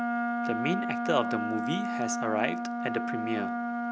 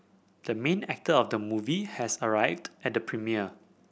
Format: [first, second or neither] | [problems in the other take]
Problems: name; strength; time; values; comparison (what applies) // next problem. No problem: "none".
second | background sound (Wind instrument, woodwind instrument); 2 dB above the speech